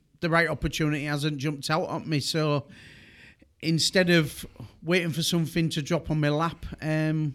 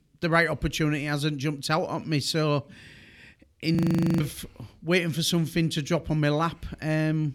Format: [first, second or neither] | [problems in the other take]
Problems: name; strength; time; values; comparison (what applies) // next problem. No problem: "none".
first | audio freezing; at 4 s